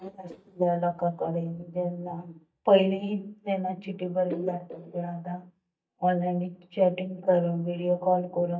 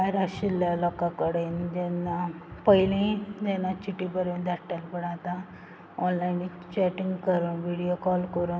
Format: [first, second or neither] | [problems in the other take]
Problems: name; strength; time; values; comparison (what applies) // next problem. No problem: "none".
second | noise reduction (neural mask model DeepFilterNet 3)